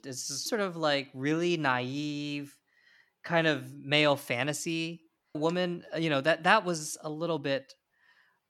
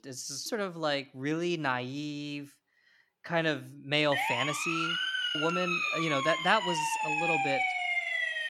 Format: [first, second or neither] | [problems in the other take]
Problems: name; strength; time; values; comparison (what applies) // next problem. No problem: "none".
first | siren; loud; from 4 s on; peak 4 dB above the speech